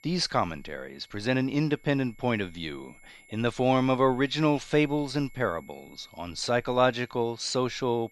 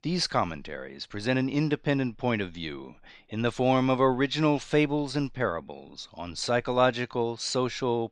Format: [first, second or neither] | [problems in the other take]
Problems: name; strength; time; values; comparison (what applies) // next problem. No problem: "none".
second | high-pitched whine; faint; throughout; 2 kHz, 30 dB below the speech